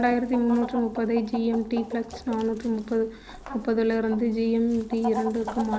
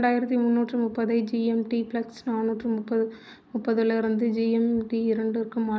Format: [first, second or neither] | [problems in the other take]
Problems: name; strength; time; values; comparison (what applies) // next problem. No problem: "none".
second | background sound (Chicken, rooster); 12 dB below the speech